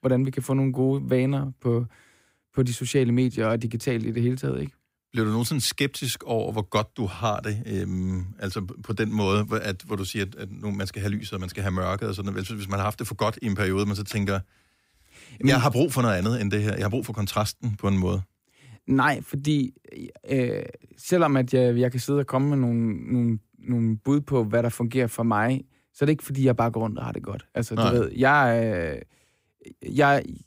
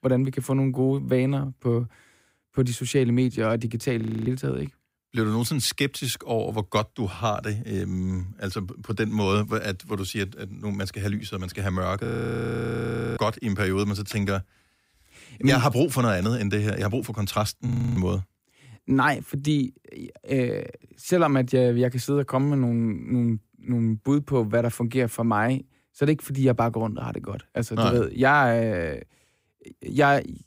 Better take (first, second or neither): first